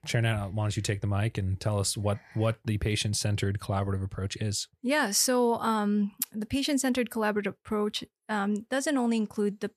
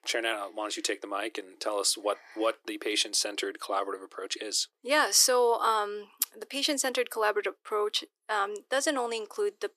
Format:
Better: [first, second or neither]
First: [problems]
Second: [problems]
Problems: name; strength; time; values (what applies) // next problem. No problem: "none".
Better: first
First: none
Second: thin; very; fading below 300 Hz